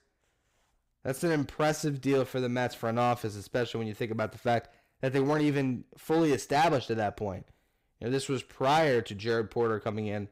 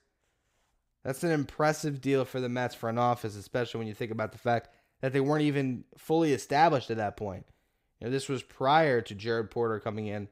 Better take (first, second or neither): second